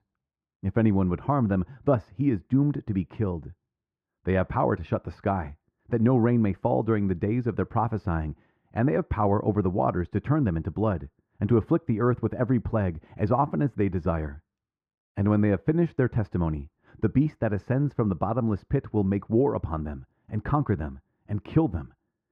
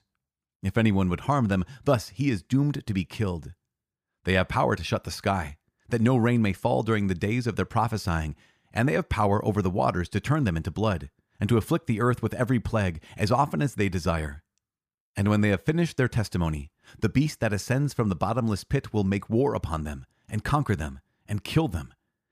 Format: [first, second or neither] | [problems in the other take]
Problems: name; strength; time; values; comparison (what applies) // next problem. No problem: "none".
second | muffled; very; fading above 3.5 kHz